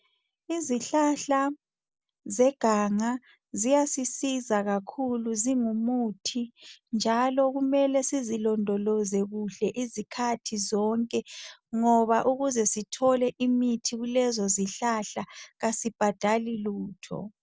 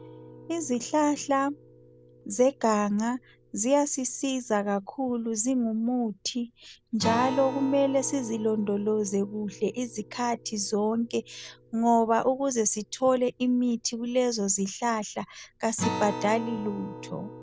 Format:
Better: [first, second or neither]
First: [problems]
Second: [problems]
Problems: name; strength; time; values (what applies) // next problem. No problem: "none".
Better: first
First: none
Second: background sound (Acoustic guitar); 14 dB below the speech